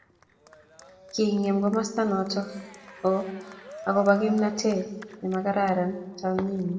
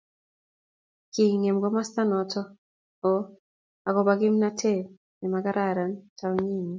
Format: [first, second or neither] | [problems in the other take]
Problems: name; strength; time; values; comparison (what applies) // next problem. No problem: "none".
second | background sound (Cheering); 19 dB below the speech // room echo; dies away in 1 s